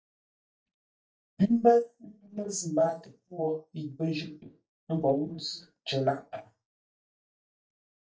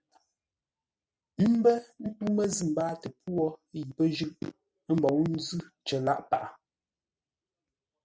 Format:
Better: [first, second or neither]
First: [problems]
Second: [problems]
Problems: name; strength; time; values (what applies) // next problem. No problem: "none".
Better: second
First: noise reduction (neural mask model DeepFilterNet 3)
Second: none